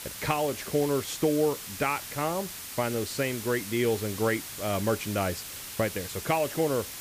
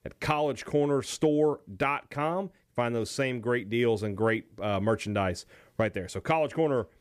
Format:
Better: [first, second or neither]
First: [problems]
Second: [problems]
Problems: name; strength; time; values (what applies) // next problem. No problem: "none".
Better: second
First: hiss; loud; throughout; 8 dB below the speech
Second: none